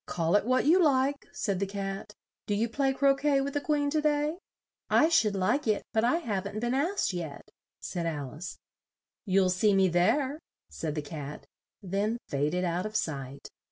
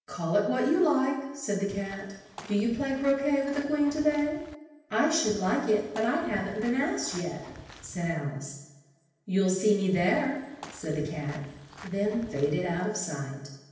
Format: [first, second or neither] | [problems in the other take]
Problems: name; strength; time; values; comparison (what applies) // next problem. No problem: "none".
first | background sound (Walk, footsteps / Bird vocalization, bird call, bird song); 18 dB below the speech // room echo; dies away in 0.9 s